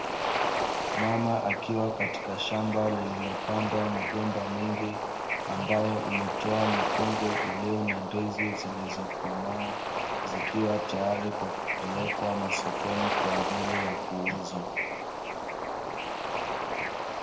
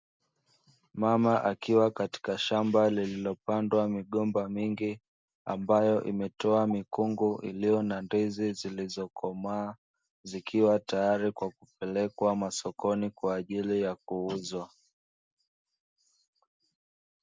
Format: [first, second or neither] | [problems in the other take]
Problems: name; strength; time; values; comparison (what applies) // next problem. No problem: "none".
second | background sound (Bird / Ocean); 1 dB above the speech // room echo; dies away in 1.4 s